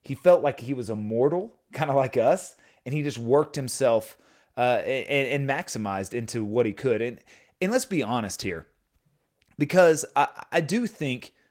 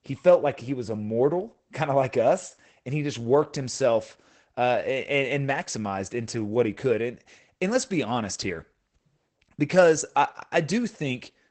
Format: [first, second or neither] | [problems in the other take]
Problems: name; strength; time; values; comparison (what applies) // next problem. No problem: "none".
first | garbled, watery; badly; nothing above 8 kHz; slightly in the first